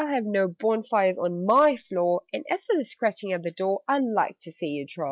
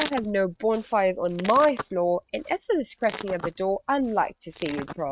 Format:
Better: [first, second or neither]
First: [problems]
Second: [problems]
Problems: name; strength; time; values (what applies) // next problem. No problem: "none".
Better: first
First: none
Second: noise reduction (neural mask model RNNoise)